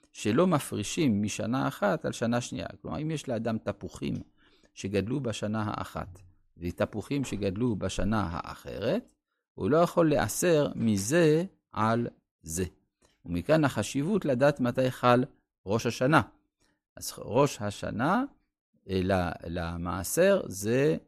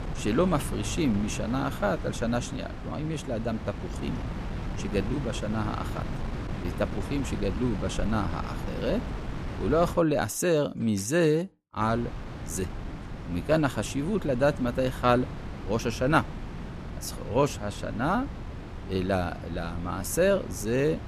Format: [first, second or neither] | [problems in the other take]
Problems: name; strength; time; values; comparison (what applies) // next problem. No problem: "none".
first | wind noise on the microphone; occasional gusts; until 10 s and from 12 s on; 15 dB below the speech